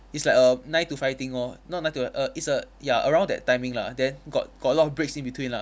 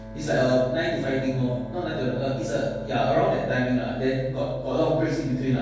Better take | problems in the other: first | background sound (Bowed string instrument); 15 dB below the speech // room echo; dies away in 1.3 s

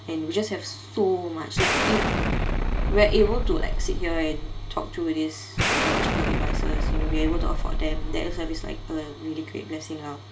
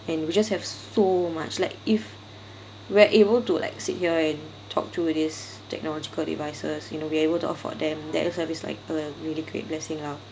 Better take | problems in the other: second | background sound (Explosion); 4 dB above the speech // room echo; dies away in 0.2 s

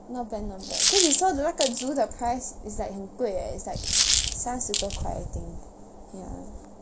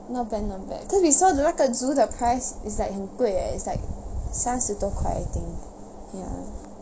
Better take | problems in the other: second | background sound (Coin (dropping)); 2 dB above the speech

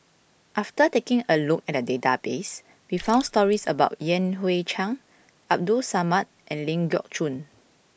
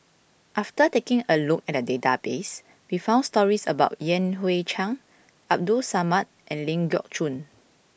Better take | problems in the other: second | background sound (Splash, splatter); 19 dB below the speech

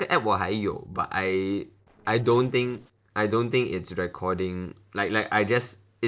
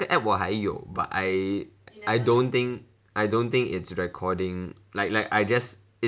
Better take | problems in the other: second | noise reduction (neural separator model SepFormer DNS4)

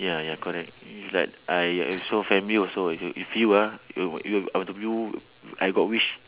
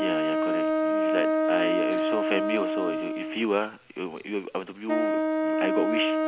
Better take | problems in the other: first | background sound (Wind instrument, woodwind instrument); 5 dB above the speech

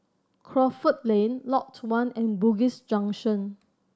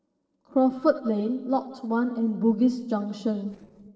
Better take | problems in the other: first | noise reduction (neural separator model SepFormer DNS4)

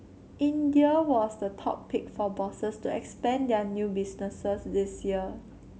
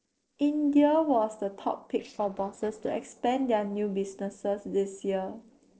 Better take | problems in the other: first | noise reduction (neural separator model SepFormer DNS4)

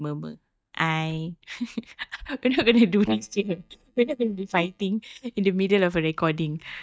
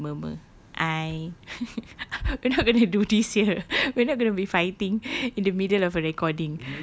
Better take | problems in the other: second | noise reduction (neural mask model DeepFilterNet 3)

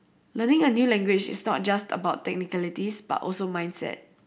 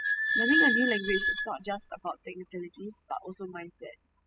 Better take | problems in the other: first | noise reduction (classical method spectral subtraction)

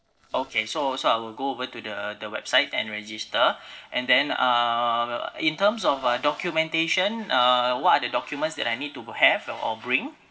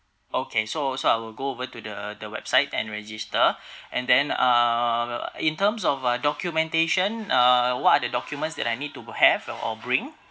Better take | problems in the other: second | noise reduction (neural separator model SepFormer DNS4)

